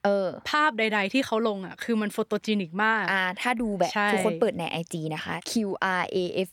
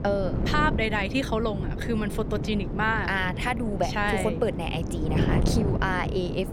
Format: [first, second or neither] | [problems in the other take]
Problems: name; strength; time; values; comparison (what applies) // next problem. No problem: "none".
first | wind noise on the microphone; heavy; 9 dB below the speech